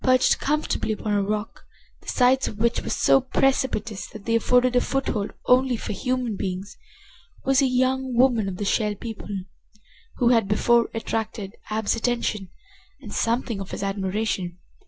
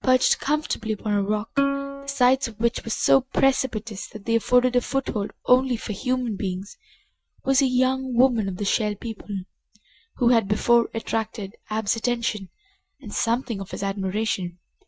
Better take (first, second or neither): first